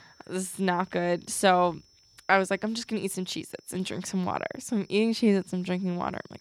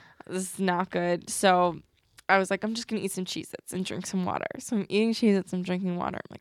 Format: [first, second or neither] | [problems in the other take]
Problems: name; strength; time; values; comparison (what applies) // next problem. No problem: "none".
second | high-pitched whine; faint; throughout; 5.5 kHz, 30 dB below the speech